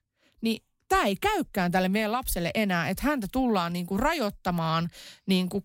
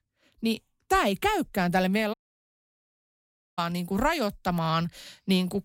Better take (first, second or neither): first